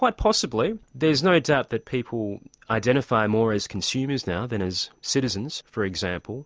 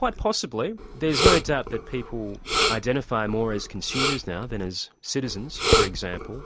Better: first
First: none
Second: background sound (Respiratory sounds); as loud as the speech

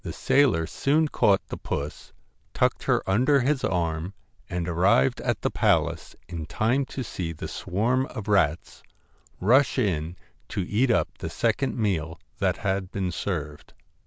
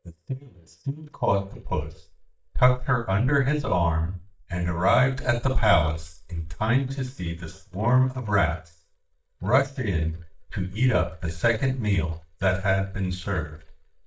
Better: first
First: none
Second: noise reduction (neural mask model DeepFilterNet 3)

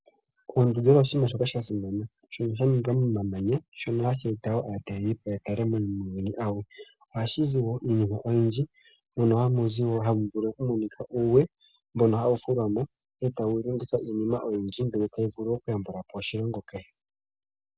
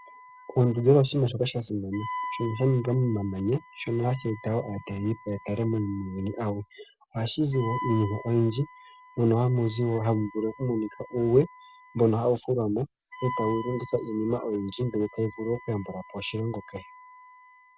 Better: first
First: none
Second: background sound (Wind instrument, woodwind instrument); 16 dB below the speech

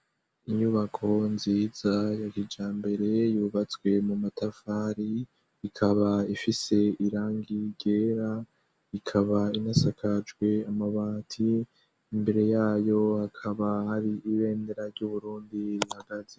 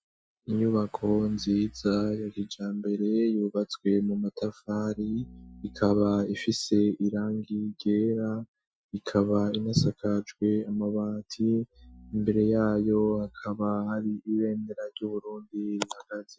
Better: first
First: none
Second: noise reduction (classical method Wiener filter)

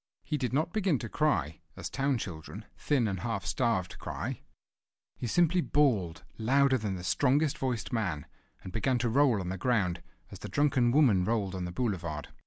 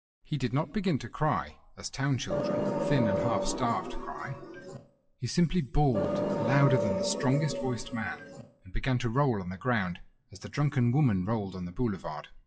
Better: first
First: none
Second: noise reduction (classical method WPE with log-MMSE)

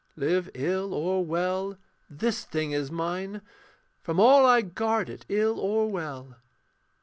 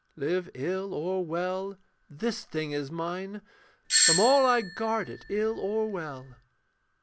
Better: first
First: none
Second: background sound (Doorbell); as loud as the speech

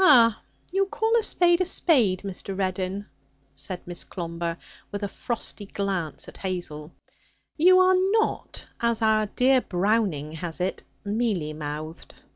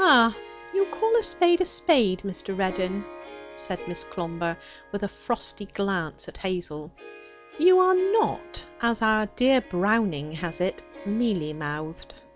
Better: first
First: none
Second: background sound (Harp); 18 dB below the speech

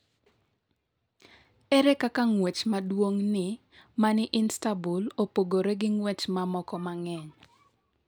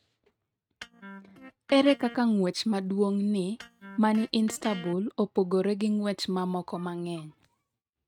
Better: first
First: none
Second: noise reduction (neural mask model RNNoise)

